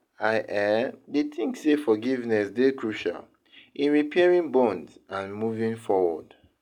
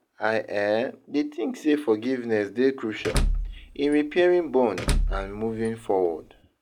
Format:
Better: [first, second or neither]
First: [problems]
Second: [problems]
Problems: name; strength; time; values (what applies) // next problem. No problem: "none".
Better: first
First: none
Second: background sound (Door / Car); 3 dB below the speech